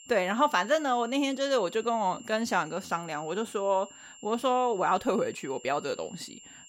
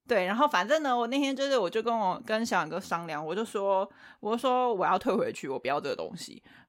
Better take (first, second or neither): second